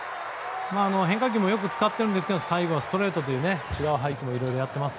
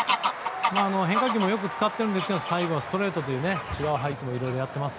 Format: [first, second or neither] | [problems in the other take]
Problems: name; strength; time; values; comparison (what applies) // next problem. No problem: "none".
first | background sound (Bird vocalization, bird call, bird song / Fowl); 5 dB below the speech